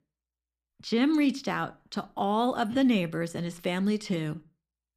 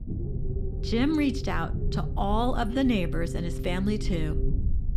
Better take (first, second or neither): first